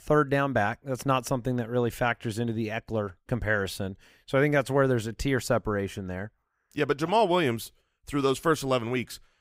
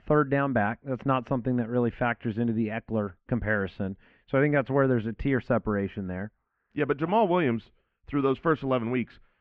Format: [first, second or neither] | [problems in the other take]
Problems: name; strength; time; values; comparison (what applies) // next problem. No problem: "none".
first | muffled; very; fading above 2.5 kHz